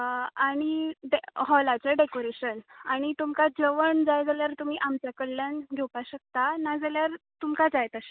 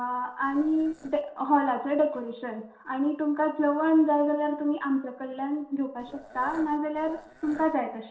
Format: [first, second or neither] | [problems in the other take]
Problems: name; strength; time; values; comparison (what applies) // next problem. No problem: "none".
first | noise reduction (neural separator model SepFormer DNS4)